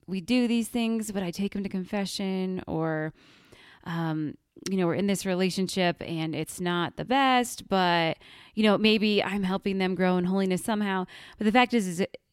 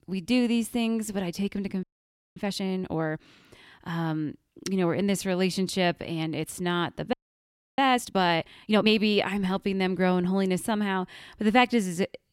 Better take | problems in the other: first | audio freezing; at 2 s for 0.5 s and at 7 s for 0.5 s

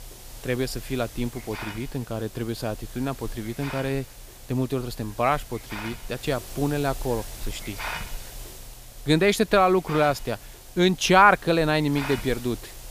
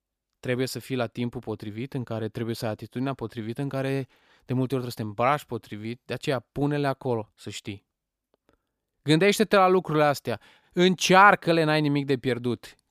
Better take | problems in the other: second | hiss; noticeable; throughout; 15 dB below the speech

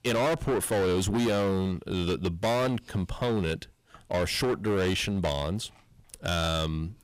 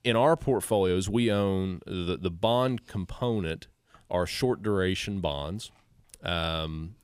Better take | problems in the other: second | distortion; heavy; 20% of the sound clipped

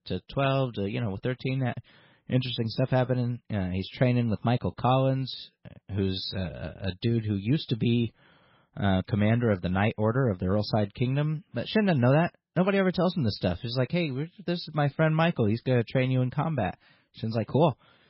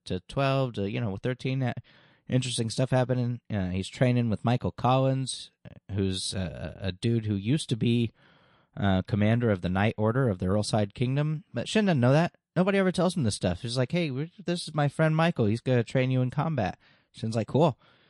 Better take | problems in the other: second | garbled, watery; badly; nothing above 5.5 kHz; slightly in the second

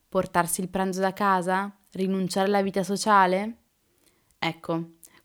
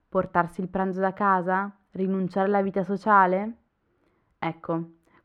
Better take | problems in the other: first | muffled; very; fading above 3.5 kHz

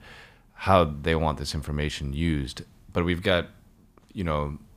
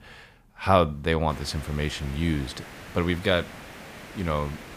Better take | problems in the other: first | hiss; noticeable; from 1.5 s on; 15 dB below the speech

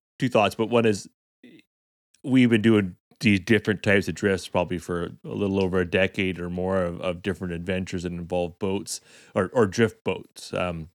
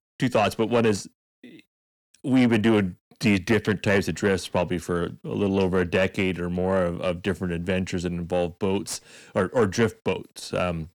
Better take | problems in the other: first | distortion; slight; 10 dB below the speech

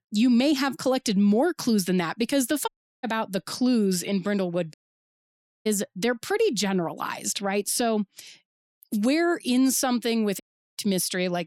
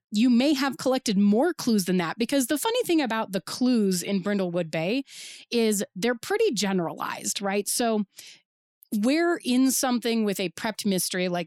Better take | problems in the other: second | audio cutting out; at 2.5 s, at 4.5 s for 1 s and at 10 s

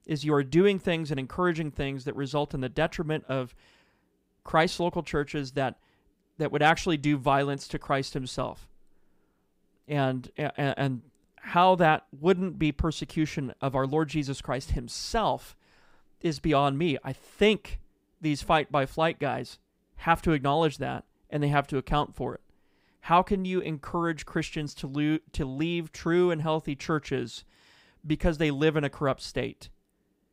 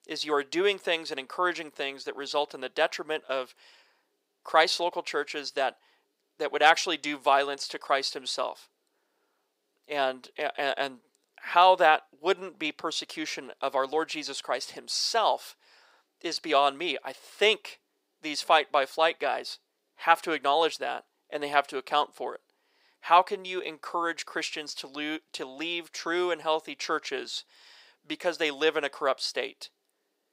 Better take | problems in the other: first | thin; very; fading below 450 Hz

